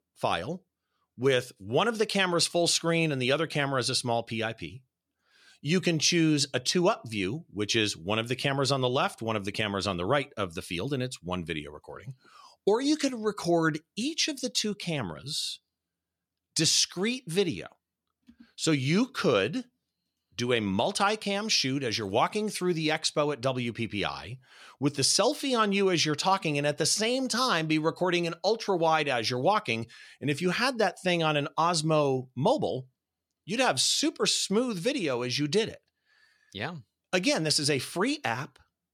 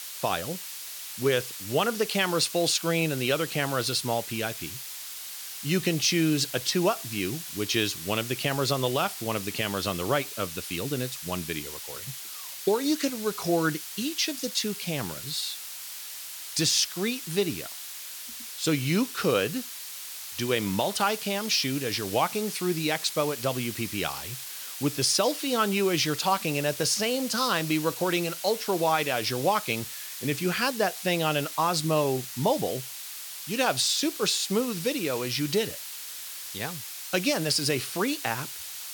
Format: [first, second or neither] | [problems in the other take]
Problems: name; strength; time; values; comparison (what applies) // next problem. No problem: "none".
first | hiss; loud; throughout; 8 dB below the speech